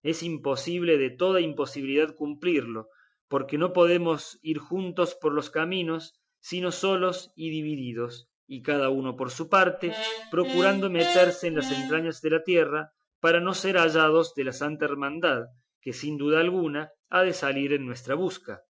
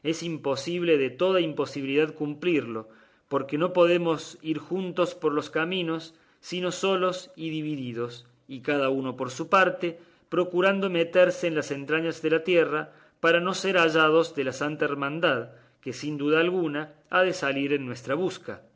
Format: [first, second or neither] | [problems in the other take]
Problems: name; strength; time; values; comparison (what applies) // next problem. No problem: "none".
second | noise reduction (classical method Wiener filter)